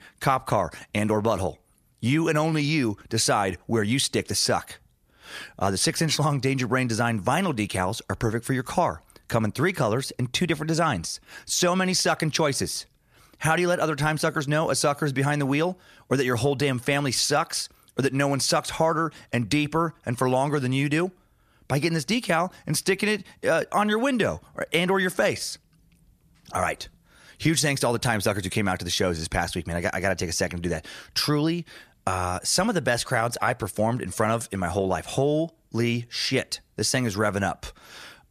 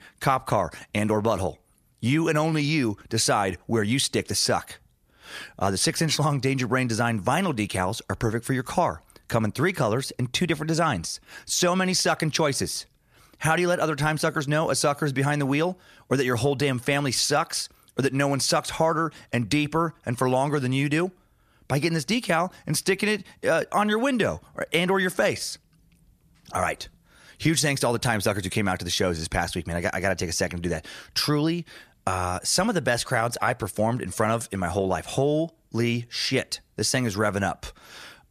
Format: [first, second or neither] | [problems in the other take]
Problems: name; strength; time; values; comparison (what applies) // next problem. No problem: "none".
neither | none